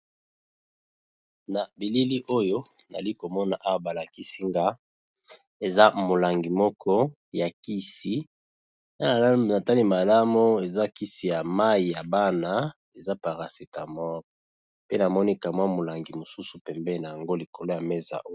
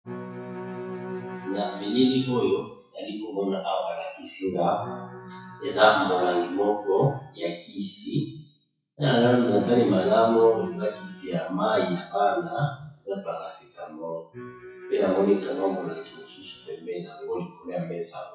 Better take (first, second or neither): first